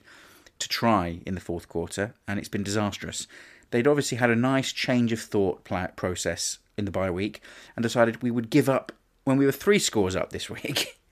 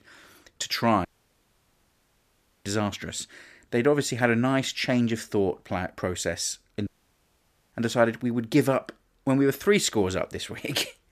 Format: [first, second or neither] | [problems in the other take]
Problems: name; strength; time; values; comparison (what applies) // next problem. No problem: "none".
first | audio cutting out; at 1 s for 1.5 s and at 7 s for 1 s